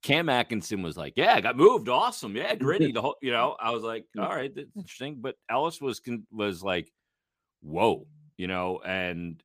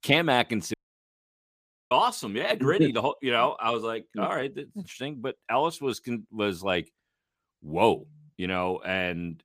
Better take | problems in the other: first | audio cutting out; at 0.5 s for 1 s

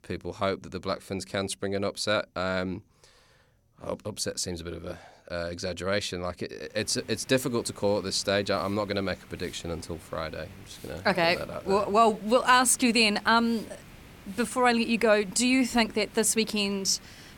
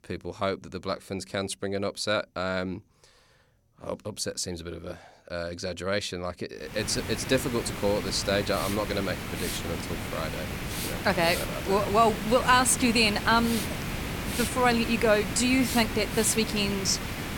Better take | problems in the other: first | hiss; loud; from 6.5 s on; 6 dB below the speech; faint in the first

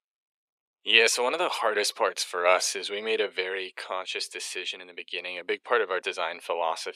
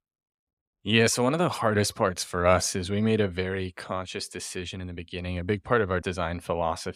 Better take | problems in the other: second | thin; very; fading below 400 Hz

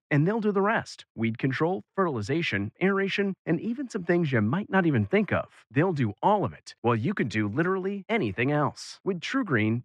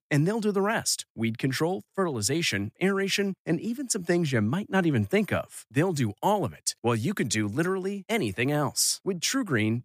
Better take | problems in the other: second | muffled; very; fading above 2 kHz

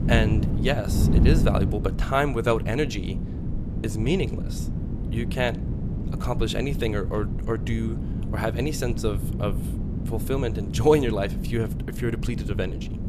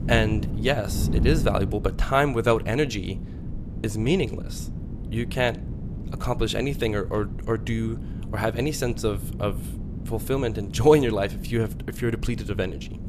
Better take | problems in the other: second | wind noise on the microphone; heavy; 10 dB below the speech; occasional gusts in the second

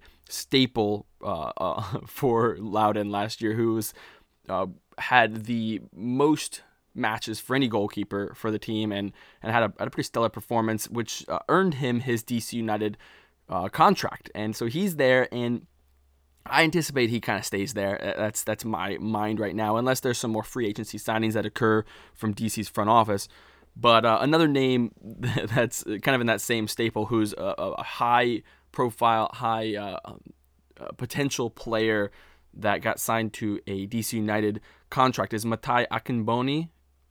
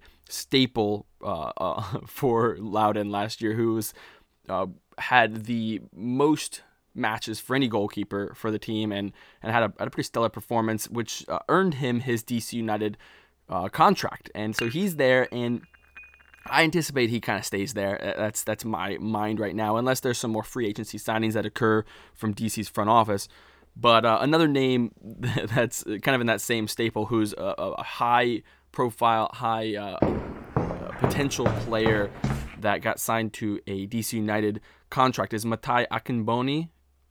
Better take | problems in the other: first | clattering dishes; noticeable; from 15 to 16 s; peak 6 dB below the speech // footsteps; noticeable; from 30 to 32 s; peak 1 dB below the speech

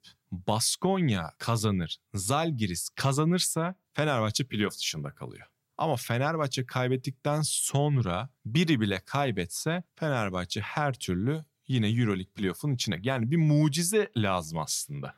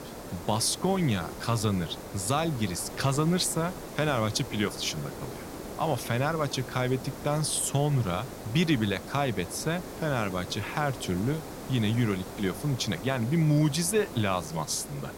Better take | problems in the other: first | hiss; noticeable; throughout; 10 dB below the speech

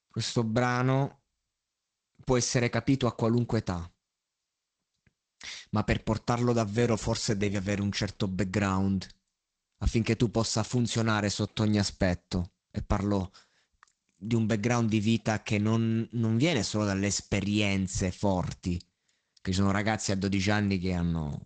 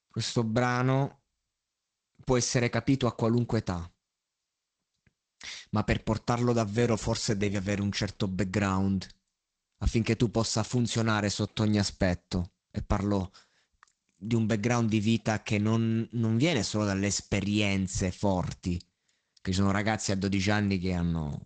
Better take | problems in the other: neither | garbled, watery; slightly; nothing above 8 kHz; the same in both

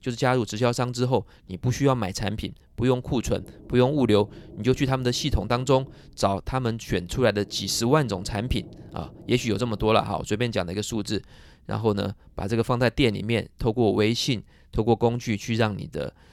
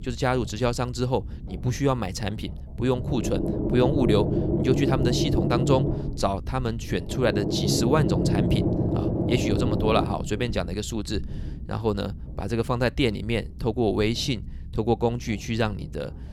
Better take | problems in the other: first | low rumble; loud; throughout; 3 dB below the speech; faint in the first

